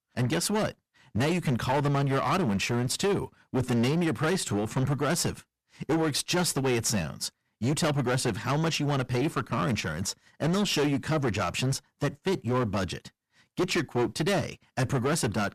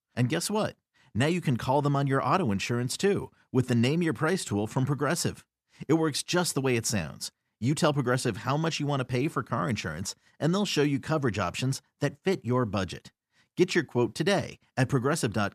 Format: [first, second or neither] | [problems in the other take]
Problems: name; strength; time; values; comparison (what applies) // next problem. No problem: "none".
second | distortion; heavy; 15% of the sound clipped